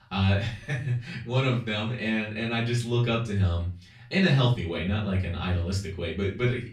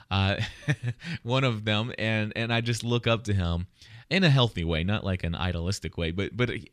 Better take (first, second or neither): second